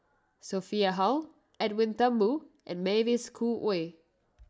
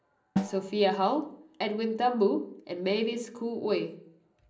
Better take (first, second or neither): first